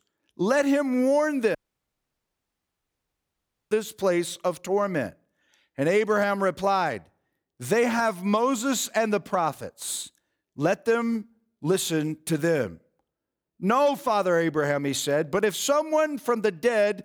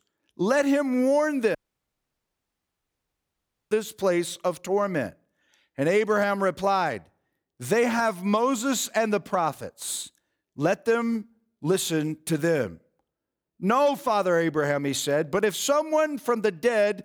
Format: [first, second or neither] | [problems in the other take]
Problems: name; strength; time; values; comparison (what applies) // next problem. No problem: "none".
neither | audio cutting out; at 1.5 s for 2 s; the same in both